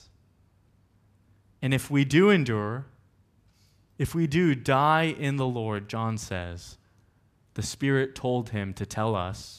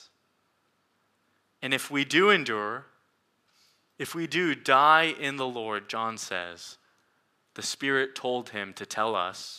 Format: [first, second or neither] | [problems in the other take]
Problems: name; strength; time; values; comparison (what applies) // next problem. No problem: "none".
first | thin; somewhat; fading below 350 Hz